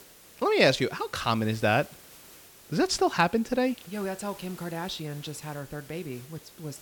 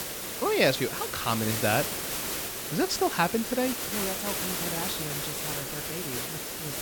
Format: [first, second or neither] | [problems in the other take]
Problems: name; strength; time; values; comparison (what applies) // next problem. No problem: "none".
first | hiss; loud; throughout; 1 dB below the speech; faint in the first